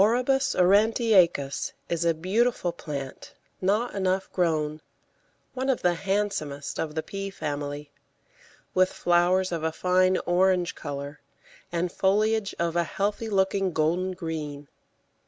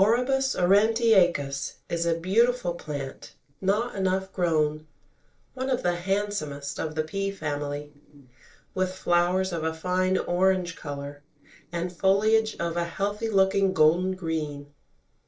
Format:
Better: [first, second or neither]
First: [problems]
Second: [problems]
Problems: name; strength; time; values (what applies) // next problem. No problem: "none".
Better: first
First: none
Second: noise reduction (neural separator model SepFormer DNS4)